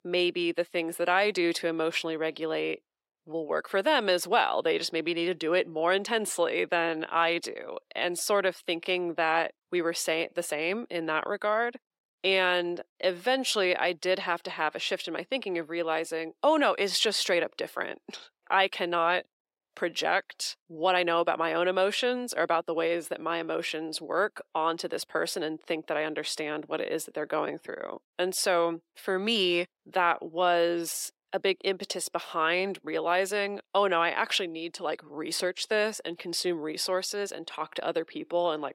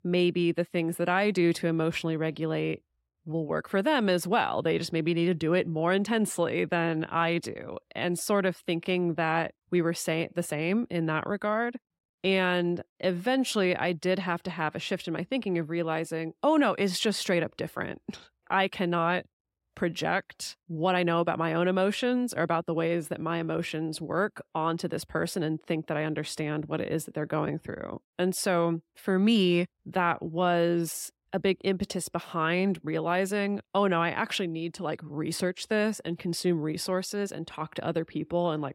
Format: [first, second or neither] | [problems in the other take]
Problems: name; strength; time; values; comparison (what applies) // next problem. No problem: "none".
second | thin; somewhat; fading below 450 Hz